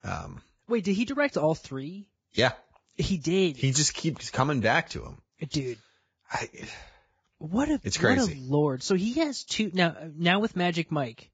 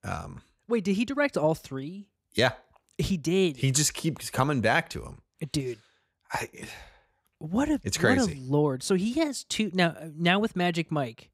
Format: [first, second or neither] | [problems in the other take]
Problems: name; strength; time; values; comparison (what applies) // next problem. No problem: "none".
second | garbled, watery; badly; nothing above 7.5 kHz